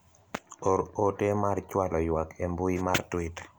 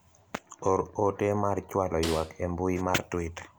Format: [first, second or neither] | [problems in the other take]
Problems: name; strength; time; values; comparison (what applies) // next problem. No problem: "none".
first | background sound (Snare drum); 13 dB below the speech